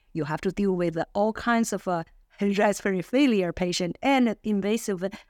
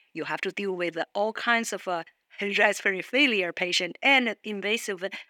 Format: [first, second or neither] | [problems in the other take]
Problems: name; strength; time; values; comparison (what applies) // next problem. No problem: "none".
first | thin; somewhat; fading below 300 Hz